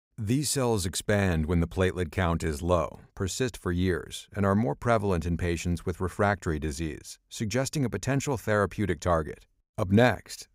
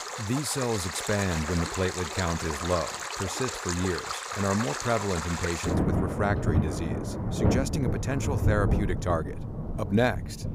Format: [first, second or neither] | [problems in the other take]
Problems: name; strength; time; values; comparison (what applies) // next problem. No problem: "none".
first | rain or running water; loud; throughout; 1 dB below the speech